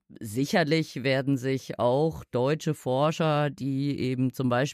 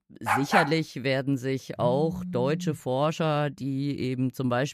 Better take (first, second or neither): first